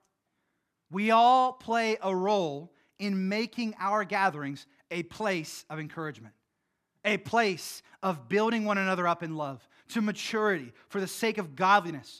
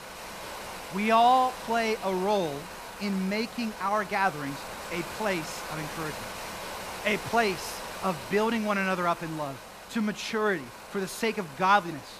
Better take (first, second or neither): first